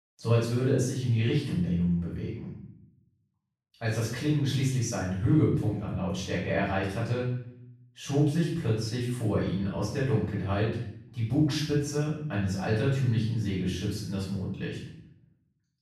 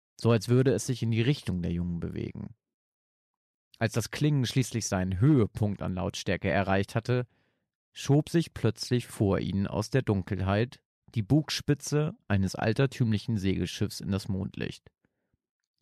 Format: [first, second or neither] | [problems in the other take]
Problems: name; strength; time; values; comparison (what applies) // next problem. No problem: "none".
second | room echo; noticeable; dies away in 0.6 s // off-mic speech; far